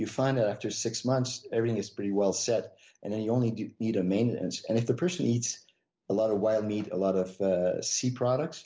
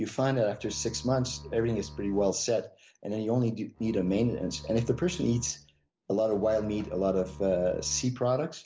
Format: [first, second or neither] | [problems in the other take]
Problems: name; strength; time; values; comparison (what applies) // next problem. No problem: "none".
first | background sound (Bowed string instrument); 17 dB below the speech